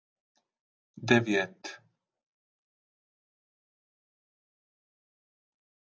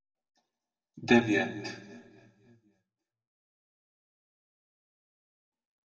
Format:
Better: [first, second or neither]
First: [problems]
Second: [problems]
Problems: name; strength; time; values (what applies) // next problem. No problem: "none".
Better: first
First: none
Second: room echo; dies away in 1.5 s